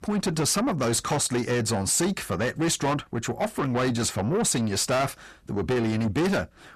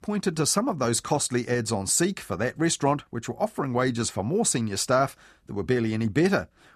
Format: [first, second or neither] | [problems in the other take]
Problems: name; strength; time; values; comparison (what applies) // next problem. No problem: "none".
second | distortion; heavy; 7 dB below the speech